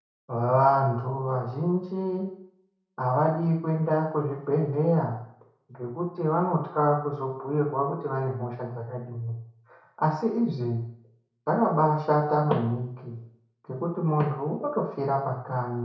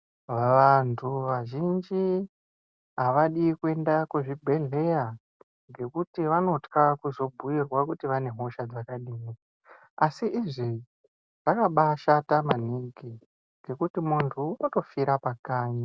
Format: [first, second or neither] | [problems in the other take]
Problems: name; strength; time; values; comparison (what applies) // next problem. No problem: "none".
second | room echo; dies away in 0.6 s